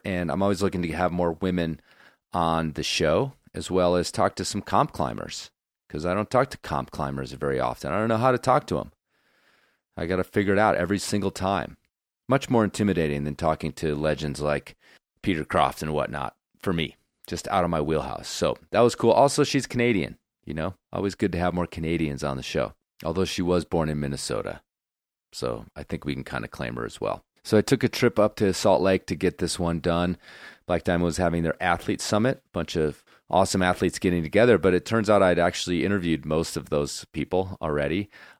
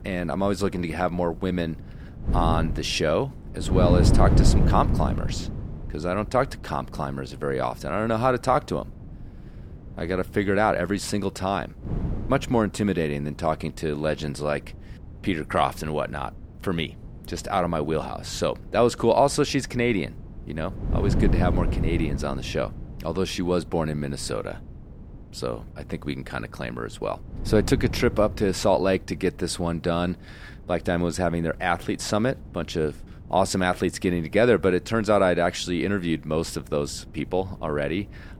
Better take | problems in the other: first | wind noise on the microphone; occasional gusts; 10 dB below the speech

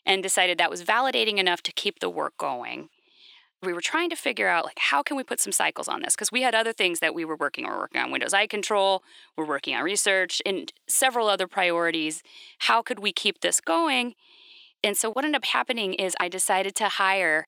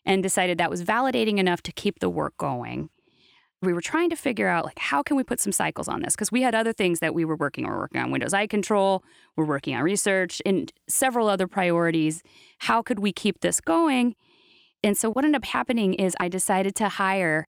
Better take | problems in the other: second | thin; somewhat; fading below 450 Hz

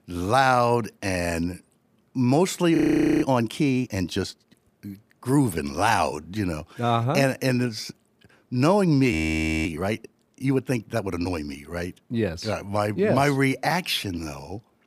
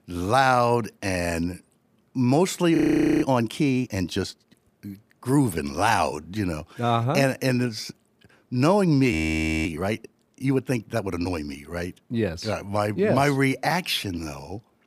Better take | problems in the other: neither | audio freezing; at 3 s and at 9 s for 0.5 s; the same in both

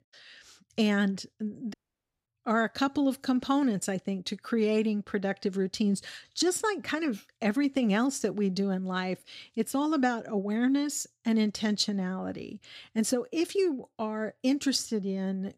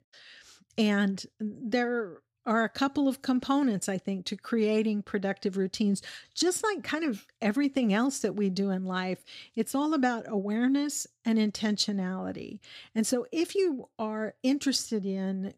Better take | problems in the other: second | audio cutting out; at 1.5 s for 0.5 s

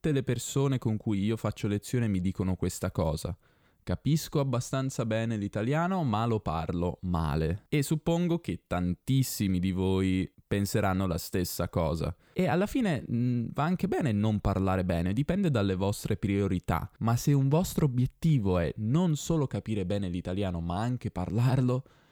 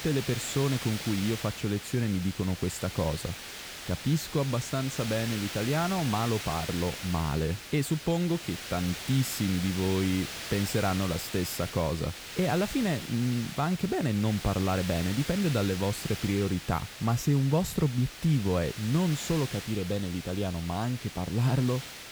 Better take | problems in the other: first | hiss; loud; throughout; 9 dB below the speech

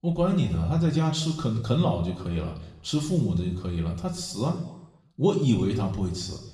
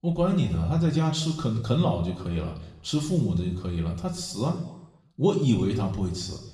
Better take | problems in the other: neither | room echo; noticeable; dies away in 0.8 s; the same in both // off-mic speech; far; the same in both

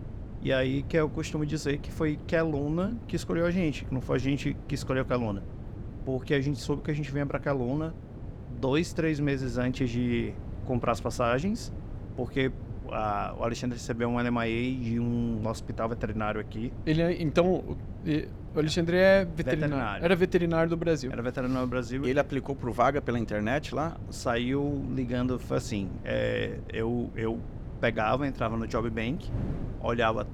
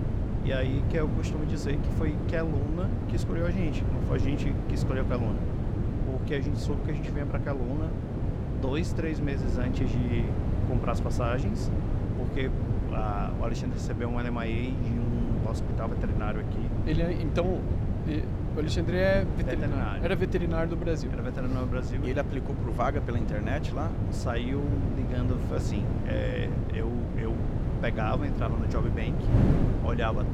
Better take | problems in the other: first | wind noise on the microphone; heavy; 4 dB below the speech; occasional gusts in the first

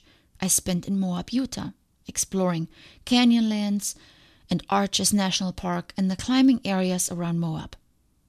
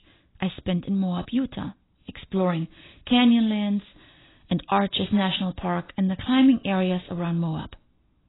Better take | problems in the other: first | garbled, watery; badly; nothing above 4 kHz

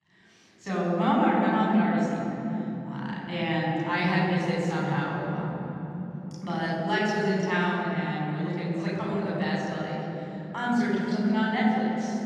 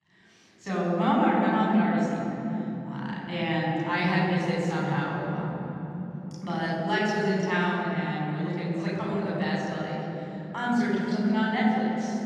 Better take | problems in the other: neither | room echo; strong; dies away in 3 s; the same in both // off-mic speech; far; the same in both

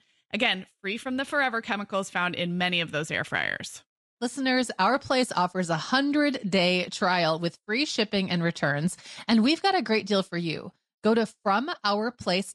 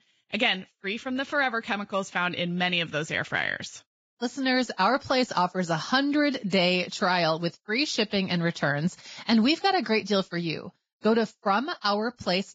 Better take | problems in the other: first | garbled, watery; badly; nothing above 7.5 kHz; slightly in the first

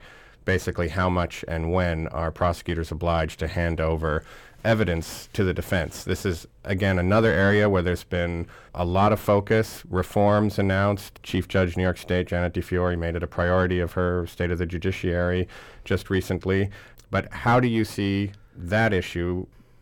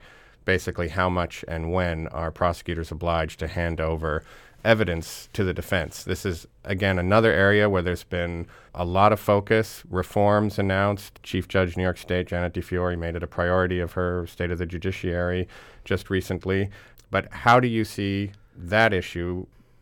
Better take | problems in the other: second | distortion; slight; 10 dB below the speech

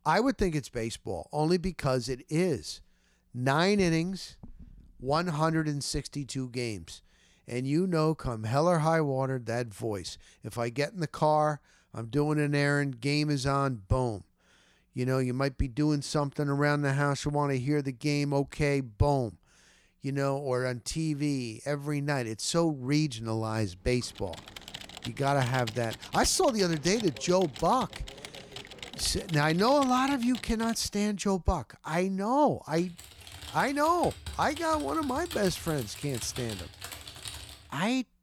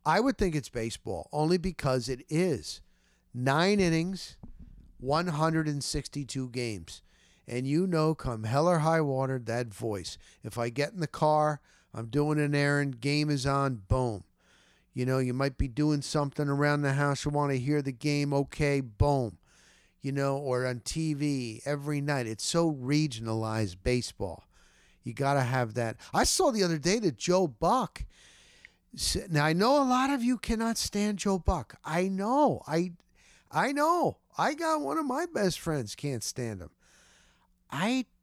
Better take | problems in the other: second | keyboard typing; noticeable; from 24 to 31 s; peak 10 dB below the speech // keyboard typing; faint; from 33 to 38 s; peak 10 dB below the speech

